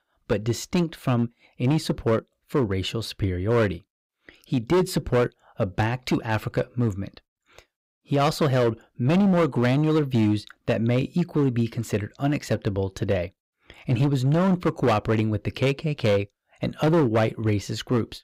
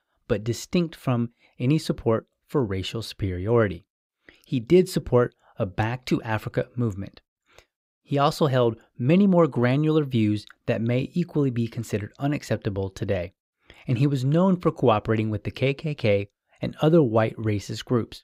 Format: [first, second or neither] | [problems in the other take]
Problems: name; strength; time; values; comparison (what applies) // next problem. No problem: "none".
second | distortion; slight; 8% of the sound clipped